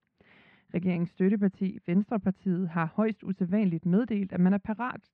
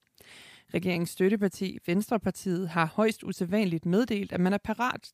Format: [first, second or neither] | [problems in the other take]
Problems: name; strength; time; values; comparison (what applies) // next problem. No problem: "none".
second | muffled; very; fading above 2.5 kHz